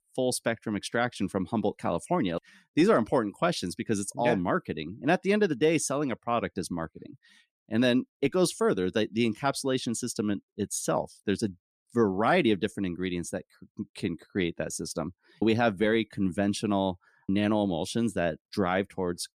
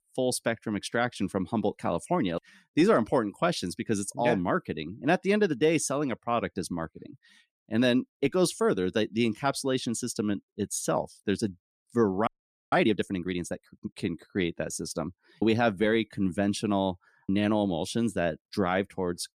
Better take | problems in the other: first | audio freezing; at 12 s

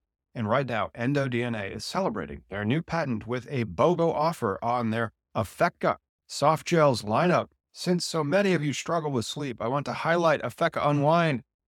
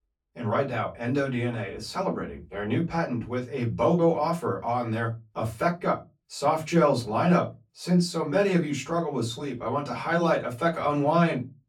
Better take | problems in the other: first | off-mic speech; far // room echo; very slight; dies away in 0.2 s

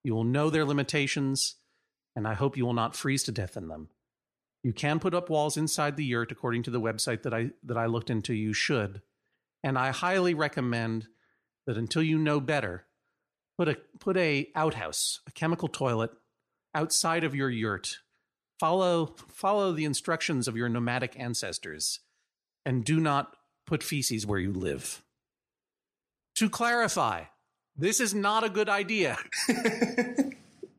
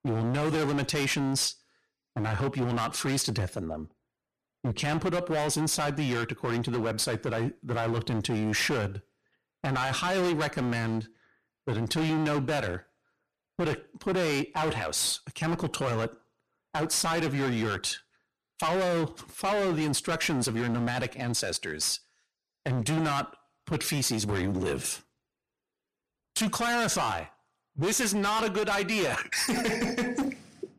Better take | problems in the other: first | distortion; heavy; 19% of the sound clipped

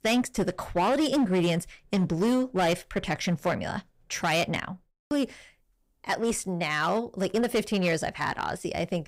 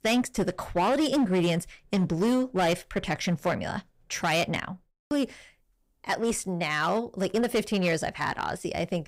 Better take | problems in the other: neither | distortion; slight; 8% of the sound clipped; the same in both

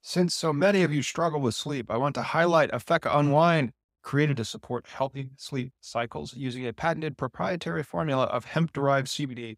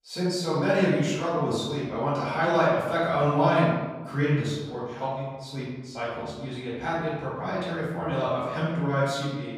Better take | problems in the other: first | off-mic speech; far // room echo; strong; dies away in 1.1 s

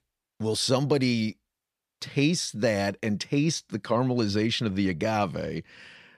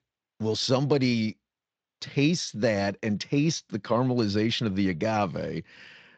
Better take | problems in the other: first | garbled, watery; slightly

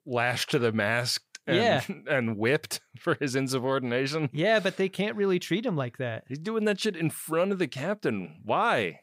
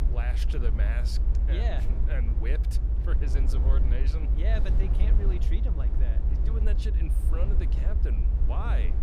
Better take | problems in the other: first | low rumble; loud; throughout; 4 dB below the speech

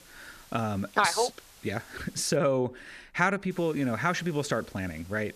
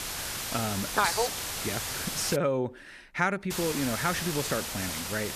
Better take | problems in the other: first | hiss; loud; until 2.5 s and from 3.5 s on; 2 dB below the speech; faint in the first

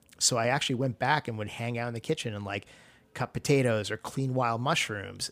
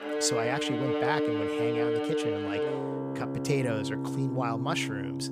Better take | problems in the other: first | background music; very loud; throughout; 2 dB above the speech

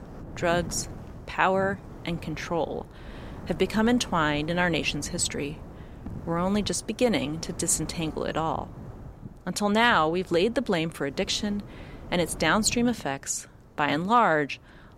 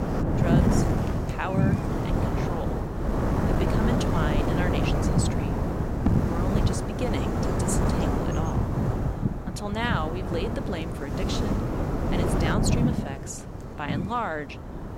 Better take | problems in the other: first | wind noise on the microphone; heavy; 2 dB above the speech; occasional gusts in the first

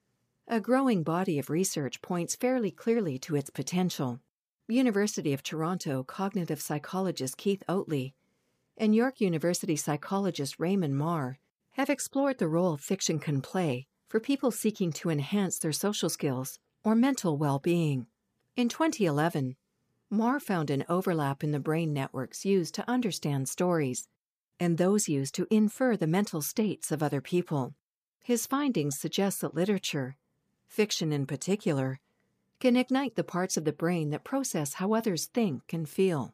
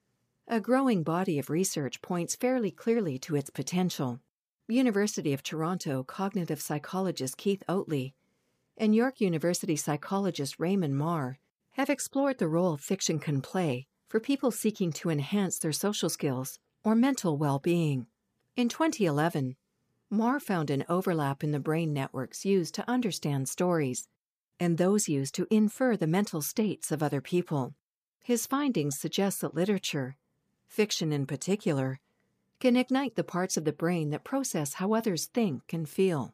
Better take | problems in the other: neither | none

